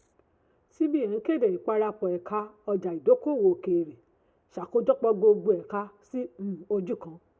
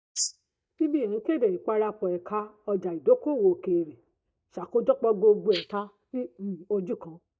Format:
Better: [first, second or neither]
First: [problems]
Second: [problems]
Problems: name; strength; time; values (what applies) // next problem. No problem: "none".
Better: first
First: none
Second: noise reduction (neural mask model DeepFilterNet 3)